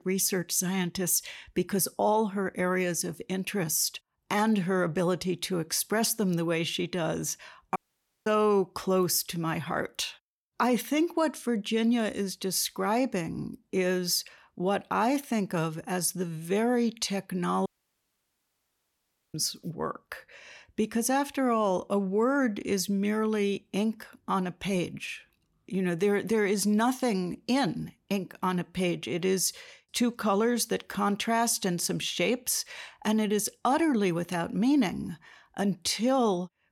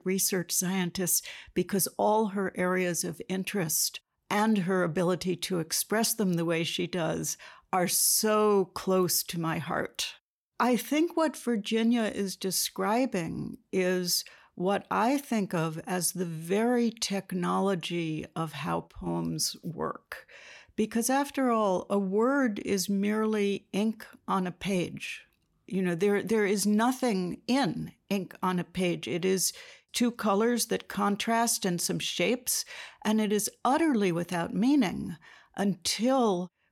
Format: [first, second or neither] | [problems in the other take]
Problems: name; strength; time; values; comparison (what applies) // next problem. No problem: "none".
second | audio cutting out; at 8 s for 0.5 s and at 18 s for 1.5 s